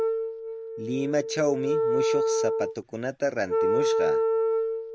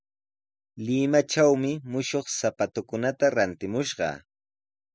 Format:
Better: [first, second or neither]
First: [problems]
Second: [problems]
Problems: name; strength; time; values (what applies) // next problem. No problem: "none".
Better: second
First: background sound (Wind instrument, woodwind instrument); 5 dB above the speech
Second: none